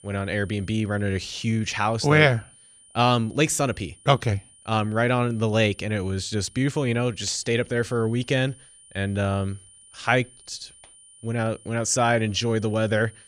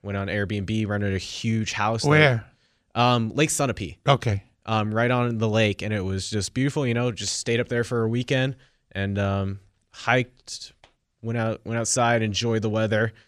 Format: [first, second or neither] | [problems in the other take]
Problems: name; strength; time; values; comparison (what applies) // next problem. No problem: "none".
second | high-pitched whine; faint; throughout; 9.5 kHz, 25 dB below the speech